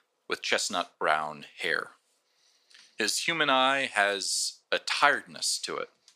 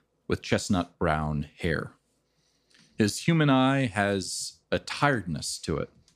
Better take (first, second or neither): second